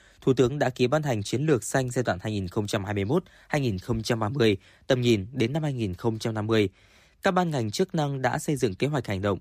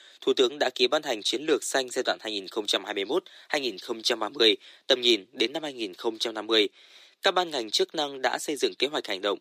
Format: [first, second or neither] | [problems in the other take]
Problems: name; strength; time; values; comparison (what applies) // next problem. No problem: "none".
first | thin; somewhat; fading below 350 Hz